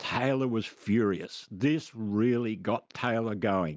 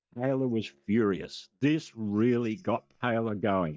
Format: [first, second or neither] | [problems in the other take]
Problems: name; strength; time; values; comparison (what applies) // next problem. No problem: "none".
first | noise reduction (neural mask model DeepFilterNet 3)